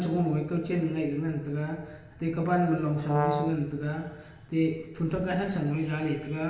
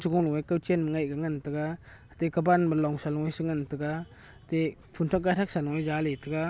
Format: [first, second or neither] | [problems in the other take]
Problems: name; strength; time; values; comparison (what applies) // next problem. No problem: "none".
second | background sound (Brass instrument); 3 dB below the speech // room echo; dies away in 1.1 s